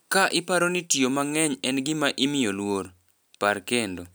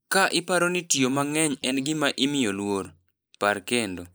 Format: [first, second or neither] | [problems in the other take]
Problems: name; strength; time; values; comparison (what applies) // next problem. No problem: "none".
first | noise reduction (neural mask model Resemble Enhance denoiser)